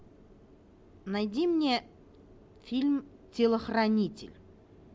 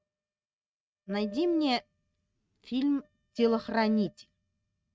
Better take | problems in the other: first | noise reduction (neural mask model RNNoise)

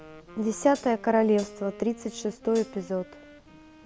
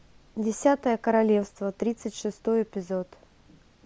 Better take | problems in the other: second | background sound (Wind instrument, woodwind instrument + Hi-hat); 19 dB below the speech

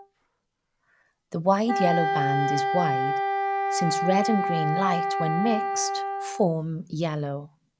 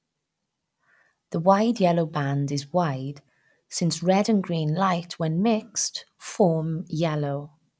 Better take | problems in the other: second | background sound (Wind instrument, woodwind instrument); as loud as the speech

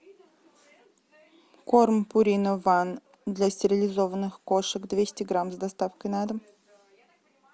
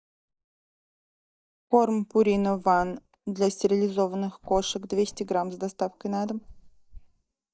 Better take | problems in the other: first | noise reduction (neural mask model DeepFilterNet 3)

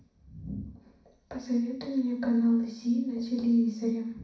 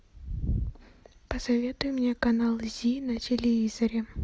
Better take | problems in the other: second | room echo; dies away in 0.6 s

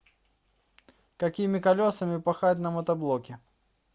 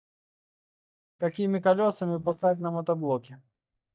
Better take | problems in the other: first | noise reduction (neural mask model DeepFilterNet 3)

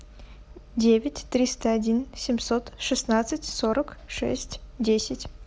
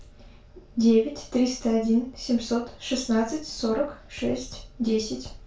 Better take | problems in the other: first | room echo; dies away in 0.3 s

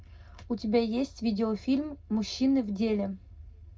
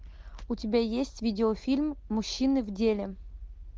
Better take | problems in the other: second | room echo; dies away in 0.2 s

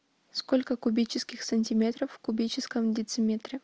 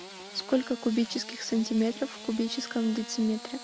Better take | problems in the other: first | background sound (Engine starting / Sawing); 14 dB below the speech

